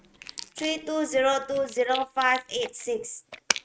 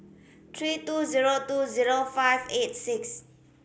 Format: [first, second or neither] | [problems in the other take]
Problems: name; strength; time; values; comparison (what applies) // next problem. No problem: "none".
second | noise reduction (neural mask model RNNoise)